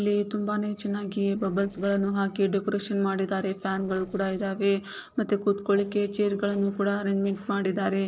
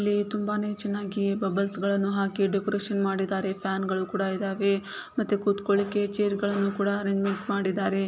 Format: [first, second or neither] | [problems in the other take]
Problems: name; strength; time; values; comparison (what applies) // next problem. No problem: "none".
second | noise reduction (neural separator model SepFormer DNS4)